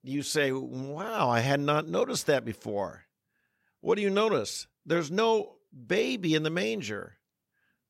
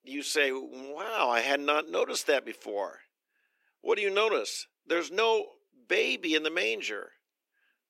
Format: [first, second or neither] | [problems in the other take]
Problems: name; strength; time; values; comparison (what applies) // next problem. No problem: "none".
first | thin; somewhat; fading below 300 Hz